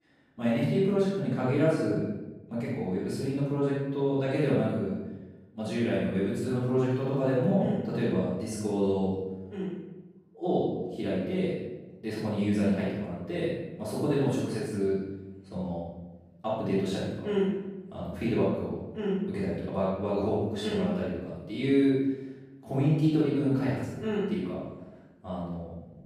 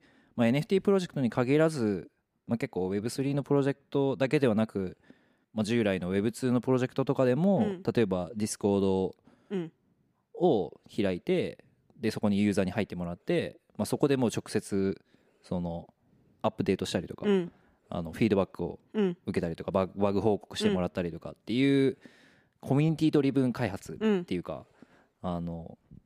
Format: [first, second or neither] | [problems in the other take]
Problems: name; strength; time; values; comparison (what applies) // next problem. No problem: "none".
second | off-mic speech; far // room echo; strong; dies away in 1 s